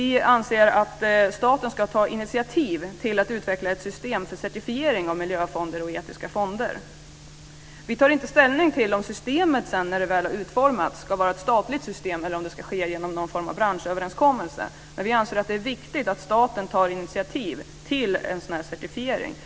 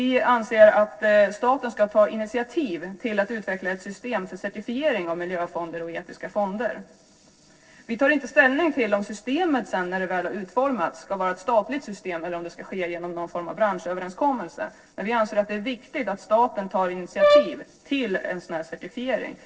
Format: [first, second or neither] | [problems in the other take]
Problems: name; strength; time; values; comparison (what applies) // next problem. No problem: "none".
first | noise reduction (neural separator model SepFormer DNS4)